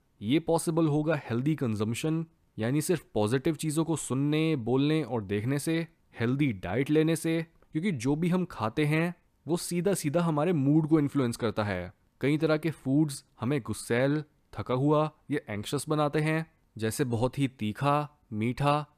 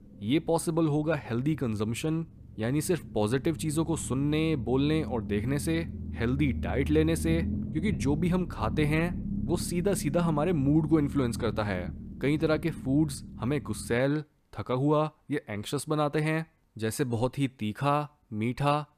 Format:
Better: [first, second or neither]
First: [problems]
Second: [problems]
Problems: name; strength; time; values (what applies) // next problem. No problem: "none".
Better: first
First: none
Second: low rumble; noticeable; until 14 s; 15 dB below the speech